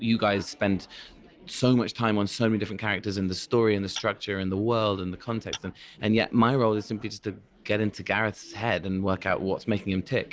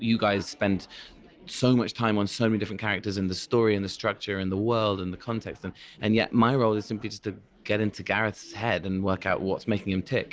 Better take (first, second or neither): second